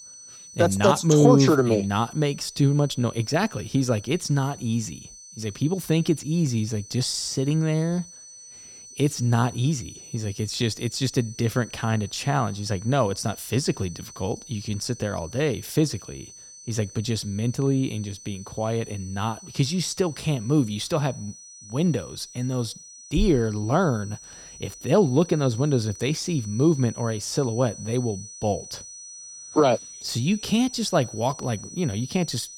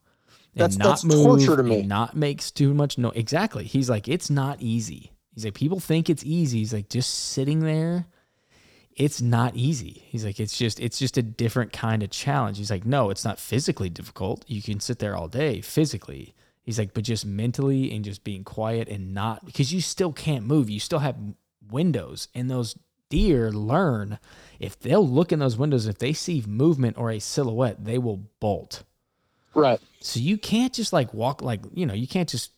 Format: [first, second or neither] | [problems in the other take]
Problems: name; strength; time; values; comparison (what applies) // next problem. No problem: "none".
second | high-pitched whine; noticeable; throughout; 6 kHz, 15 dB below the speech